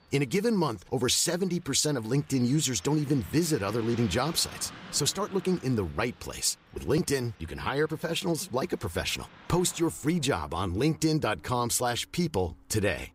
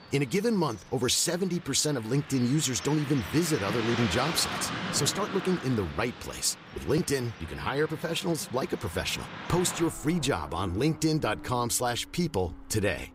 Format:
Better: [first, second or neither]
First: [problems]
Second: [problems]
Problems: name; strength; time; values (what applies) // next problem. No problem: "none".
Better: first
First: traffic noise; faint; throughout; 20 dB below the speech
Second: traffic noise; loud; throughout; 10 dB below the speech